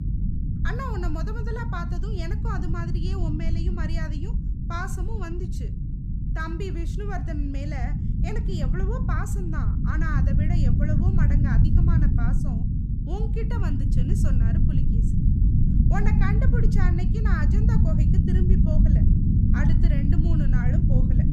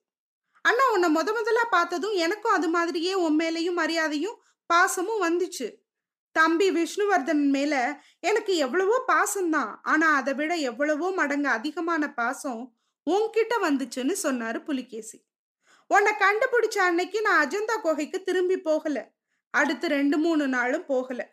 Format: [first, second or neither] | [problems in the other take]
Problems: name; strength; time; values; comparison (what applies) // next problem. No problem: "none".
second | low rumble; loud; throughout; as loud as the speech